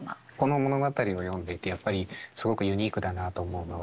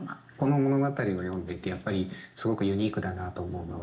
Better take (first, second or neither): first